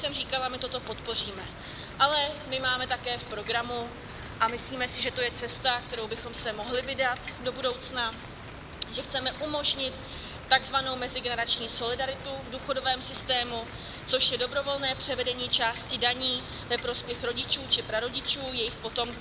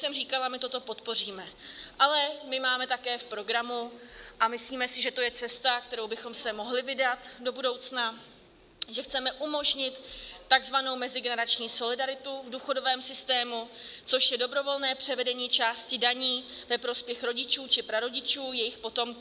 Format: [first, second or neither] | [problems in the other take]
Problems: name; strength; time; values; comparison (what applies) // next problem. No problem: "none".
second | background sound (Rain); 11 dB below the speech